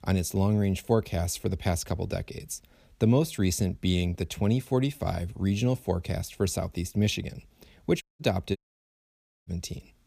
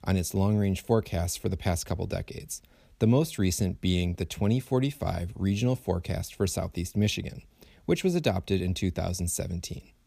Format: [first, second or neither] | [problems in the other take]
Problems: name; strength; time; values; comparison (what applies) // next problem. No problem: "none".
second | audio cutting out; at 8 s and at 8.5 s for 1 s